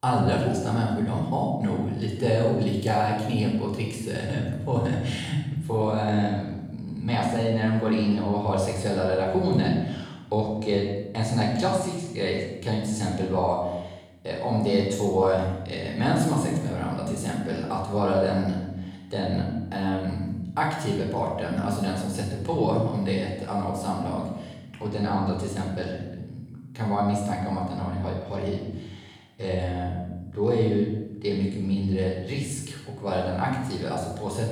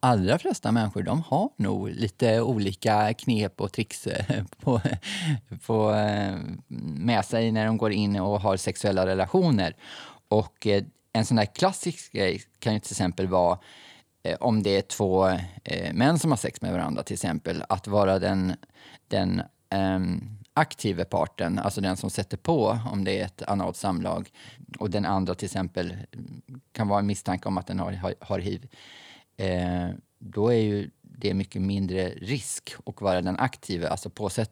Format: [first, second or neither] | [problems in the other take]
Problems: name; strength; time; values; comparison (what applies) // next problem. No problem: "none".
second | off-mic speech; far // room echo; noticeable; dies away in 0.9 s